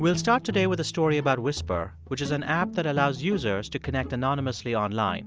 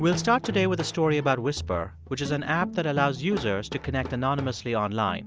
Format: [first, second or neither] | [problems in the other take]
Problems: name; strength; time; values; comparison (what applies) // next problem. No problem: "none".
first | background sound (Hammer); 19 dB below the speech